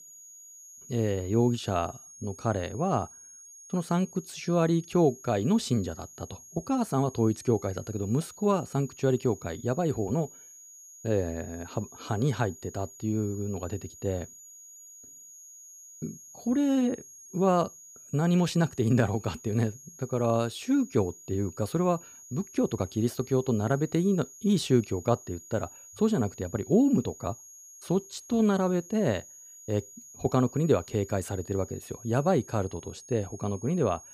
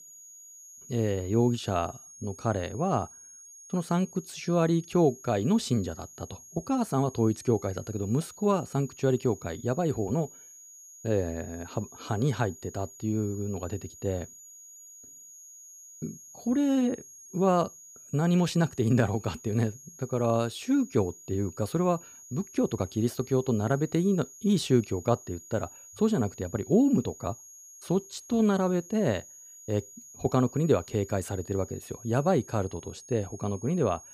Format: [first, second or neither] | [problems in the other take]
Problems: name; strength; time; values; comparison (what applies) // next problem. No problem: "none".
neither | high-pitched whine; noticeable; throughout; 6.5 kHz, 20 dB below the speech; the same in both